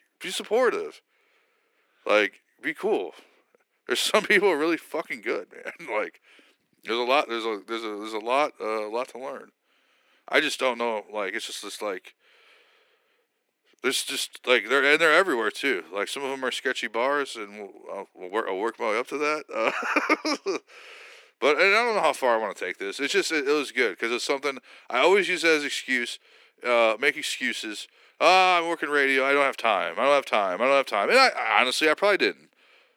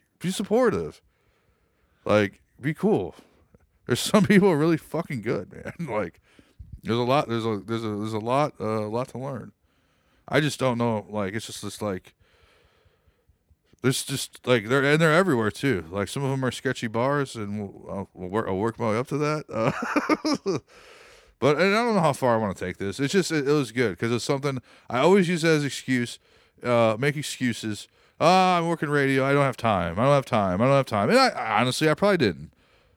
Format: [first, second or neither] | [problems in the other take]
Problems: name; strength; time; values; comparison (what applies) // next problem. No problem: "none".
second | thin; somewhat; fading below 300 Hz